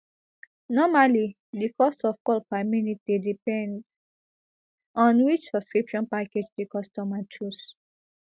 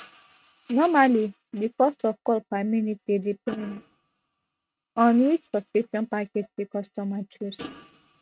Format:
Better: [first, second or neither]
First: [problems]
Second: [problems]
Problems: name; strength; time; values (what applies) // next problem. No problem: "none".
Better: first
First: none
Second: noise reduction (neural mask model RNNoise)